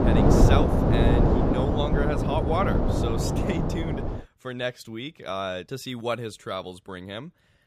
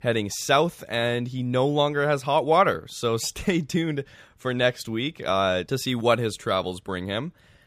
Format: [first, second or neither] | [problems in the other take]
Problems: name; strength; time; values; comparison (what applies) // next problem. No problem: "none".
second | wind noise on the microphone; heavy; until 4 s; 3 dB above the speech